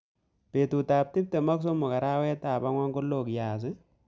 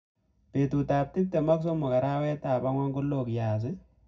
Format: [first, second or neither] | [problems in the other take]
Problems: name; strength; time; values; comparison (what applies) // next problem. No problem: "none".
first | room echo; dies away in 0.4 s